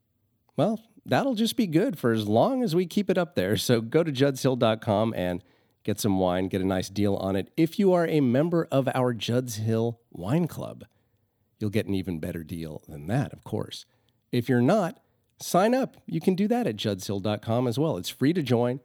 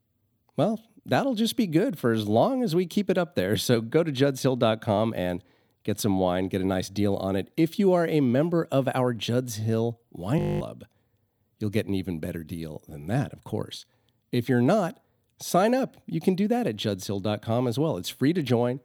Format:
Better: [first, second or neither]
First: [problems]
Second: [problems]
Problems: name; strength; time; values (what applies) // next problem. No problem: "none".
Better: first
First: none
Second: audio freezing; at 10 s